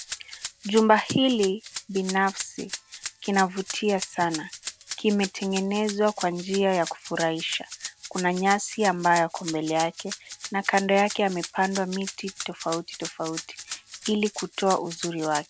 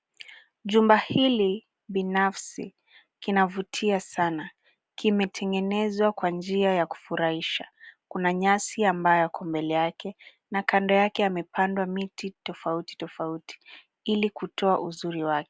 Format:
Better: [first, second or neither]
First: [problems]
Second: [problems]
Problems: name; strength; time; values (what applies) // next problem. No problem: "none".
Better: second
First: background sound (Rattle (instrument)); 12 dB below the speech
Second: none